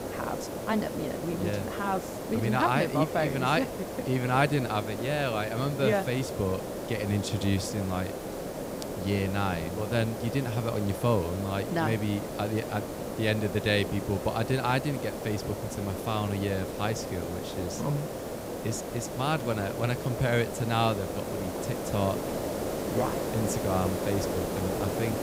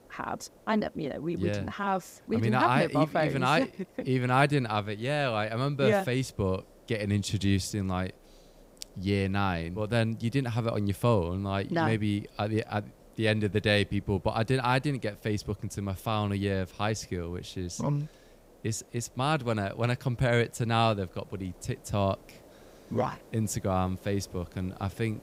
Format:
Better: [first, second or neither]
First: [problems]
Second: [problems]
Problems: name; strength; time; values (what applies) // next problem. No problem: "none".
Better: second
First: hiss; loud; throughout; 5 dB below the speech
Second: hiss; faint; throughout; 25 dB below the speech